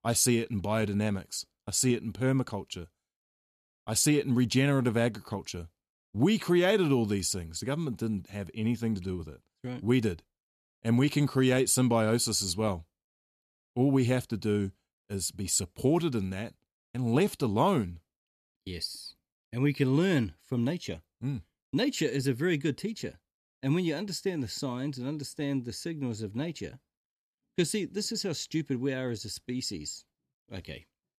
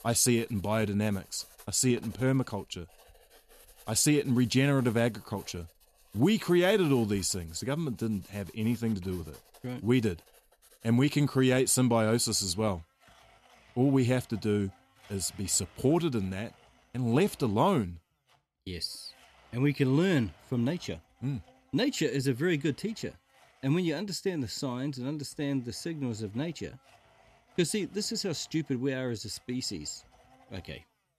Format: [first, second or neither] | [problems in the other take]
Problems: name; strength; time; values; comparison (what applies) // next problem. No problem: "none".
first | household noises; faint; throughout; 25 dB below the speech